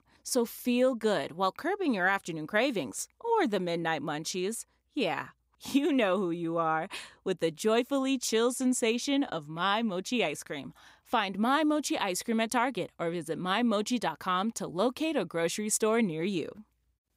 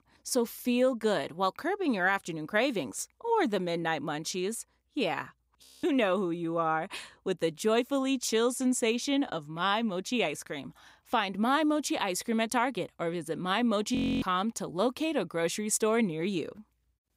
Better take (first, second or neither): first